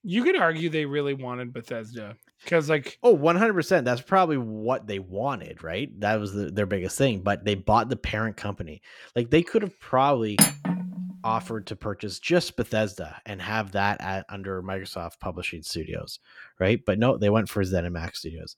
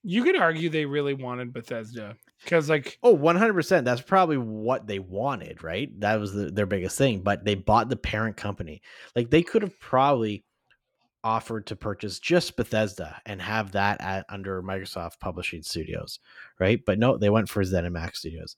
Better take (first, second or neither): second